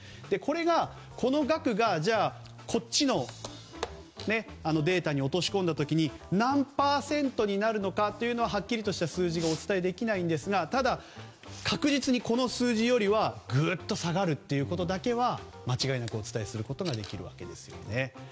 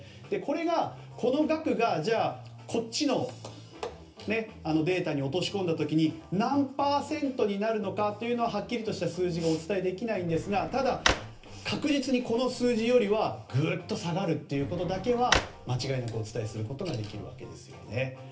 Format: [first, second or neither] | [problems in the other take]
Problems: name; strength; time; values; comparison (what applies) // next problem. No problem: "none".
first | background sound (Drawer open or close); 7 dB below the speech // room echo; dies away in 0.3 s